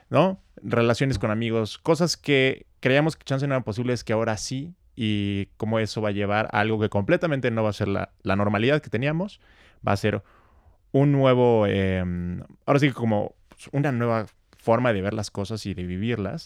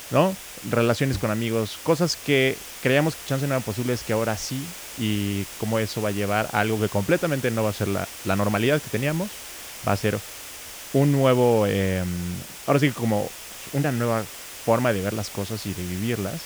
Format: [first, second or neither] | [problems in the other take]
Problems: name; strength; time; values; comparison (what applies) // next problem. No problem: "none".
first | hiss; noticeable; throughout; 10 dB below the speech